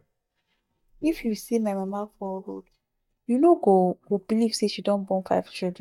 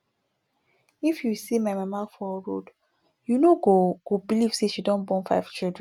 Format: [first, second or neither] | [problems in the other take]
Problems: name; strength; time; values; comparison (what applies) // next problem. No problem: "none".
second | noise reduction (neural mask model DeepFilterNet 3)